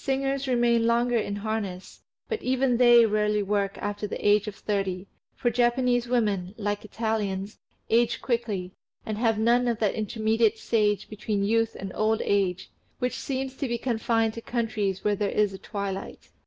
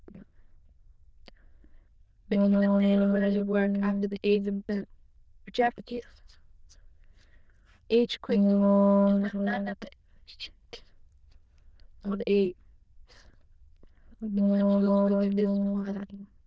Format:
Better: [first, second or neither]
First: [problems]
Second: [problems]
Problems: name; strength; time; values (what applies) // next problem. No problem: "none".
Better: first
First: none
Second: noise reduction (neural diffusion model UNIVERSE++)